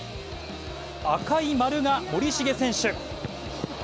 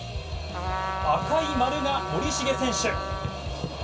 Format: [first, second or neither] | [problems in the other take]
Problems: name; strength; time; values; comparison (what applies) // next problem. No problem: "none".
first | background sound (Trumpet); 6 dB below the speech // room echo; dies away in 0.2 s